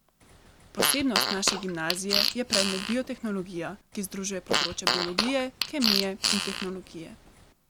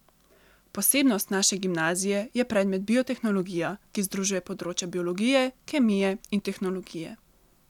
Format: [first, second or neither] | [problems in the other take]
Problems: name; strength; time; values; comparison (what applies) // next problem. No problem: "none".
second | background sound (Fart); 1 dB above the speech